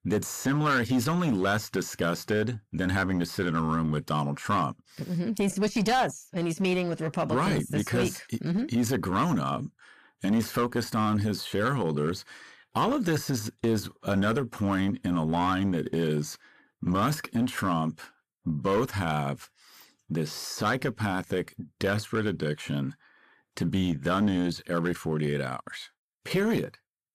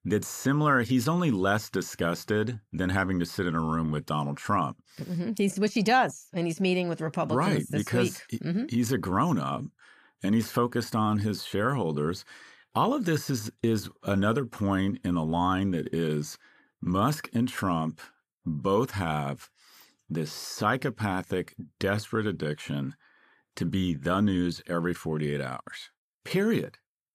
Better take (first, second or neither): second